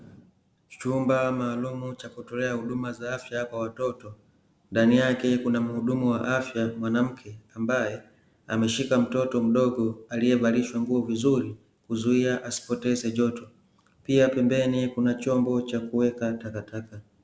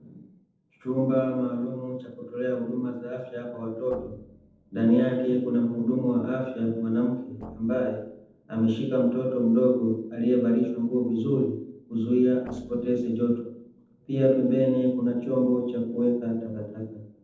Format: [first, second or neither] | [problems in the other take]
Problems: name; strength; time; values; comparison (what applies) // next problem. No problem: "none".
first | noise reduction (neural separator model SepFormer DNS4)